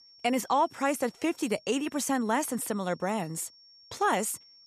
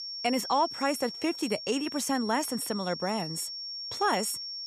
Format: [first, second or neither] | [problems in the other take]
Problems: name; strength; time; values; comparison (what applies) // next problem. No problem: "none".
first | high-pitched whine; loud; throughout; 5.5 kHz, 6 dB below the speech; faint in the first